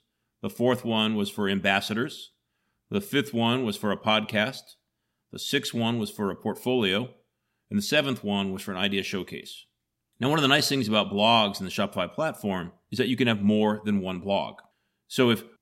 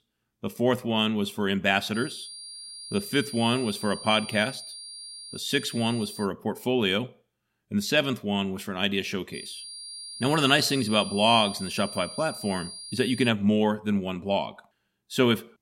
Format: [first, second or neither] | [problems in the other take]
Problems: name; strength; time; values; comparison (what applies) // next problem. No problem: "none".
first | high-pitched whine; noticeable; from 2 to 6.5 s and from 9.5 to 13 s; 4.5 kHz, 10 dB below the speech